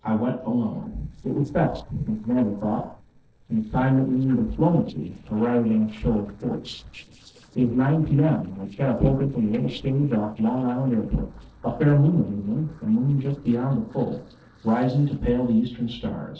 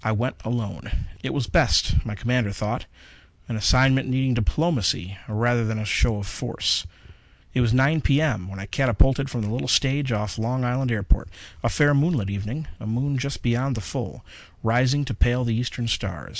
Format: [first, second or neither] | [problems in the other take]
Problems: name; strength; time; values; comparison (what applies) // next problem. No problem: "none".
second | noise reduction (neural separator model SepFormer DNS4)